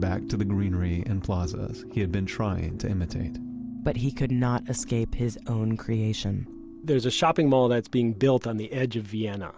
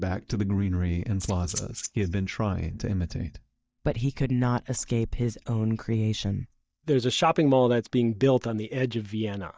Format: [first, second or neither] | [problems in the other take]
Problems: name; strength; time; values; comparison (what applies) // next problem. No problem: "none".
first | noise reduction (neural mask model DeepFilterNet 3)